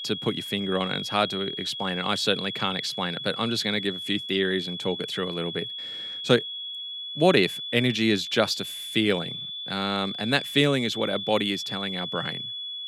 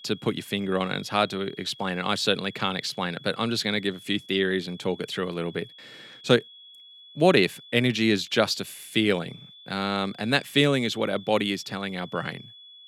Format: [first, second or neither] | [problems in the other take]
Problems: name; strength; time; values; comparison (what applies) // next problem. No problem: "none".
second | high-pitched whine; loud; throughout; 3.5 kHz, 6 dB below the speech; faint in the second